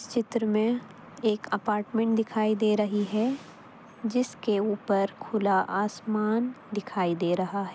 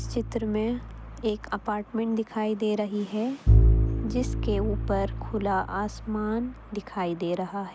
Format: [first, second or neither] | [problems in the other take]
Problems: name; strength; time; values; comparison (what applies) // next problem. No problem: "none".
first | background sound (Bowed string instrument); 1 dB above the speech